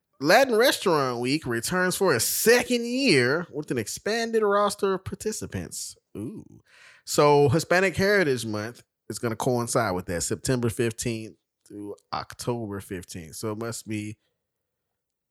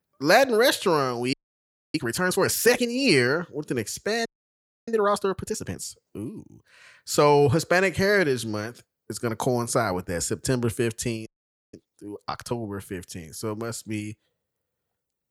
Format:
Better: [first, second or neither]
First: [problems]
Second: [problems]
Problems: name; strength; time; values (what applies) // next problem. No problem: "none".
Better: first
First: none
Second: audio freezing; at 1.5 s for 0.5 s, at 4.5 s for 0.5 s and at 11 s